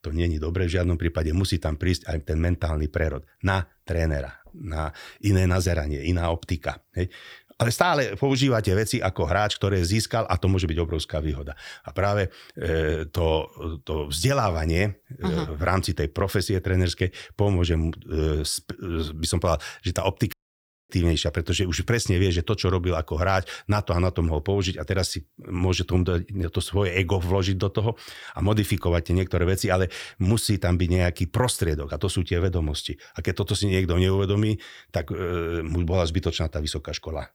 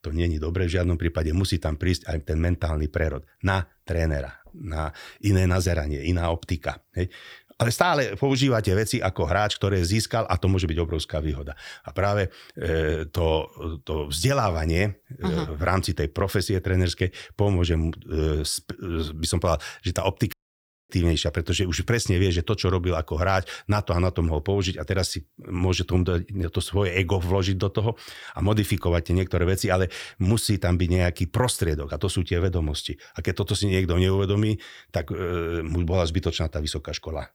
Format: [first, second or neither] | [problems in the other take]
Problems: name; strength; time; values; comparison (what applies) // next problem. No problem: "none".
neither | audio cutting out; at 20 s for 0.5 s; the same in both